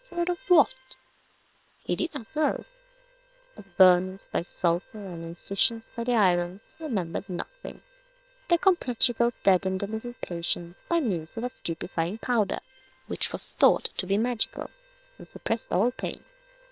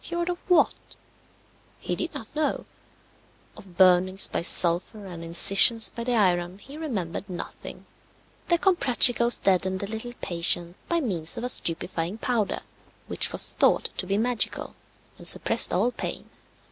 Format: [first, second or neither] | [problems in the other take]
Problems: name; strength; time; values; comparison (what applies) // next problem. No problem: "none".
second | noise reduction (neural separator model SepFormer WHAM!)